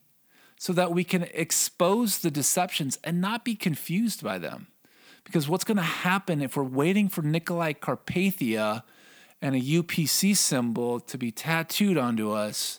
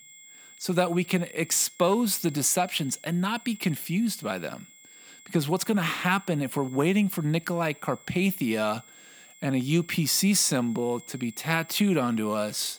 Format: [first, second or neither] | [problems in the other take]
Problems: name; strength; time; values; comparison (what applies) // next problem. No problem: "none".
first | high-pitched whine; faint; throughout; 7.5 kHz, 25 dB below the speech